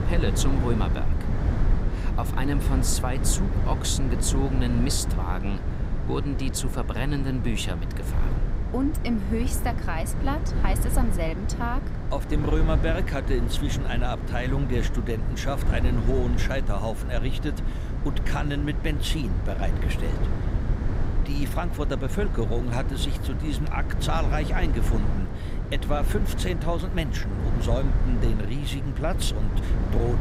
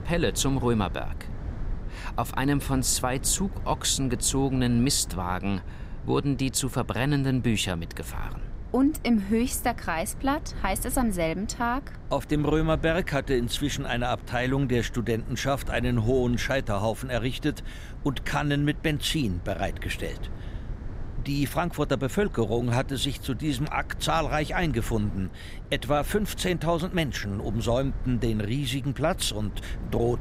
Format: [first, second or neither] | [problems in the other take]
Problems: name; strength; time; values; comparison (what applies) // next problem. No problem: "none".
second | low rumble; loud; throughout; 6 dB below the speech; faint in the second